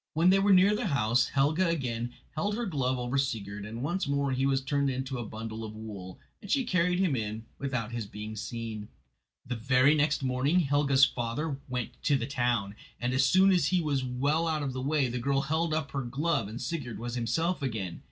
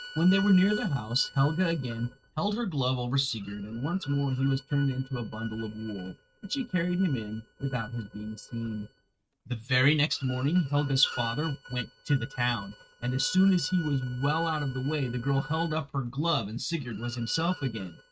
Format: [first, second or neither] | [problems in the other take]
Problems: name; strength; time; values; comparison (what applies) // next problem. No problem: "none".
first | noise reduction (neural mask model RNNoise)